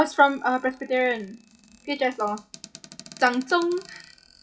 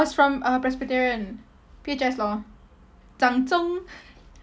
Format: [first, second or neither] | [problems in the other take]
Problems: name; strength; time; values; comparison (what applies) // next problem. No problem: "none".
second | noise reduction (classical method WPE with log-MMSE)